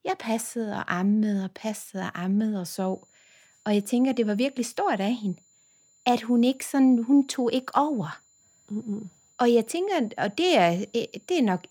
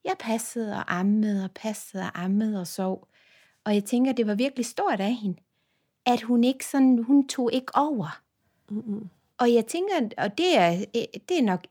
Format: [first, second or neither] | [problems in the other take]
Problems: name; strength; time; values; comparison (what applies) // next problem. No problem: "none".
second | high-pitched whine; faint; from 2.5 s on; 7 kHz, 35 dB below the speech